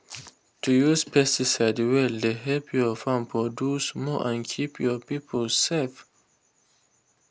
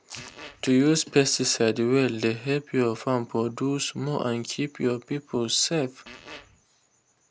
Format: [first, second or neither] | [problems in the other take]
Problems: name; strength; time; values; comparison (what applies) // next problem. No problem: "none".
first | background sound (Fart); 19 dB below the speech